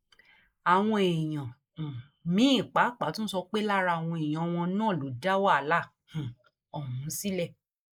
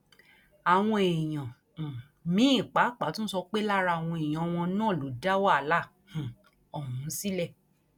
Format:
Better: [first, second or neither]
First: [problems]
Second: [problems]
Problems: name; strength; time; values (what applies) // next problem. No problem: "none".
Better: second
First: noise reduction (neural mask model Resemble Enhance denoiser)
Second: none